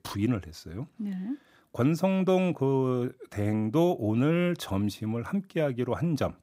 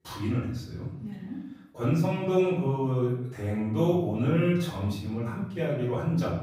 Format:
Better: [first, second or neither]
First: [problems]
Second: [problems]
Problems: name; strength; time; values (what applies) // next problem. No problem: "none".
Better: first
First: none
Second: room echo; noticeable; dies away in 0.7 s // off-mic speech; far